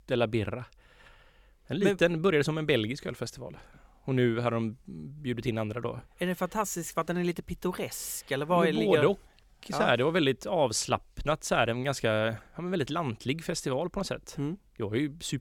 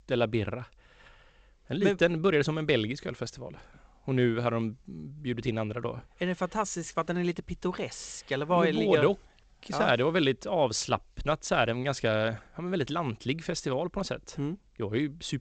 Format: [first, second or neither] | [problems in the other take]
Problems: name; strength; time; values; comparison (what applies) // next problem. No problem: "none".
first | garbled, watery; slightly; nothing above 8 kHz